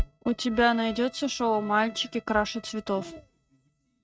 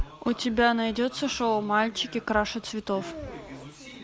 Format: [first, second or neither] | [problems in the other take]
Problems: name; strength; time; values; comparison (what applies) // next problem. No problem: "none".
second | noise reduction (neural mask model RNNoise)